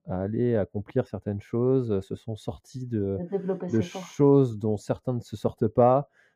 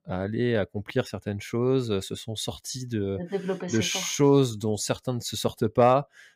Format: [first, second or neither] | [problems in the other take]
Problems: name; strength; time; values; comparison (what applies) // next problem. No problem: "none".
second | muffled; very; fading above 1.5 kHz